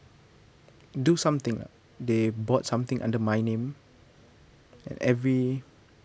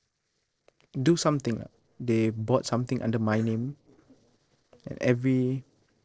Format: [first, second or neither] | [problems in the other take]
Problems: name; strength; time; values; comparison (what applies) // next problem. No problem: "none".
first | noise reduction (neural separator model SepFormer DNS4)